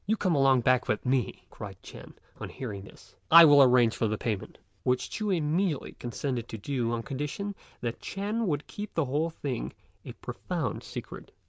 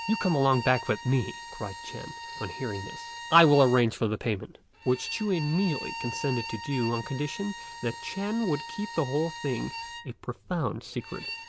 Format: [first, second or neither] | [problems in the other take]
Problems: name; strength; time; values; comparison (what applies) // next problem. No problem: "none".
first | background sound (Bowed string instrument); 11 dB below the speech